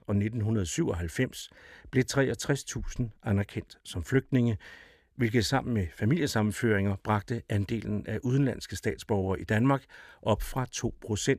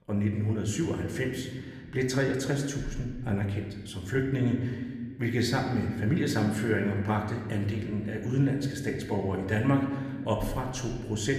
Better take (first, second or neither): first